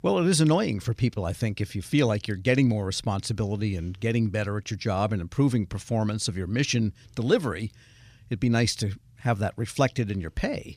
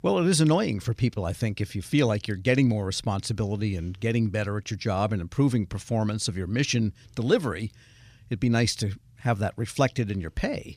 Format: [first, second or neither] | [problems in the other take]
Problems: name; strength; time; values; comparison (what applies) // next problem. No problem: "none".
neither | none